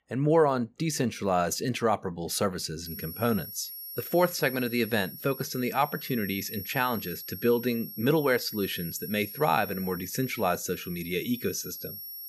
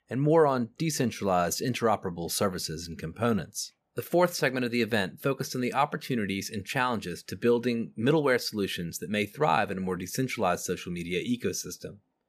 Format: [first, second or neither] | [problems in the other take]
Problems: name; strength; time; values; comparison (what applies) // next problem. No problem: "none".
second | high-pitched whine; loud; from 3 s on; 11.5 kHz, 10 dB below the speech